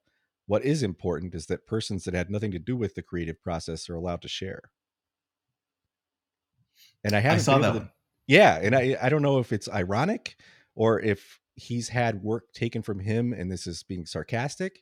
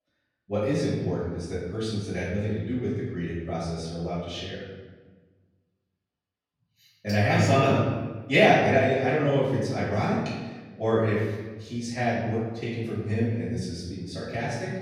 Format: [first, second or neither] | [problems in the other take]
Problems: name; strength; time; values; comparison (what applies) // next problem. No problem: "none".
first | off-mic speech; far // room echo; noticeable; dies away in 1.2 s